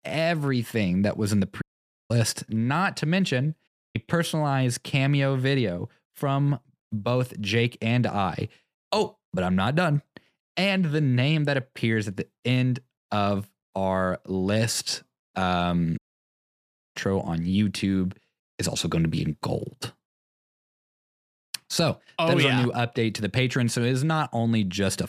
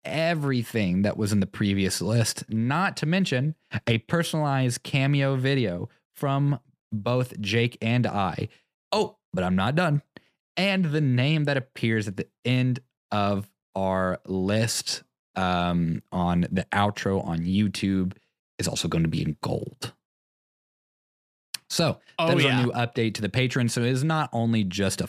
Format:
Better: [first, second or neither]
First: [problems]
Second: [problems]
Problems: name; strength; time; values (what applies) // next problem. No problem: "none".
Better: second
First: audio cutting out; at 1.5 s, at 3.5 s and at 16 s for 1 s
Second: none